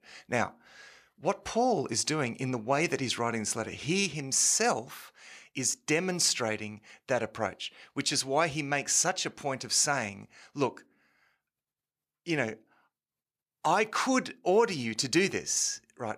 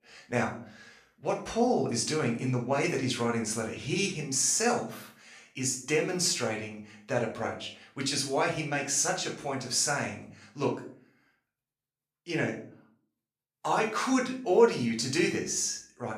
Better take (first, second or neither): first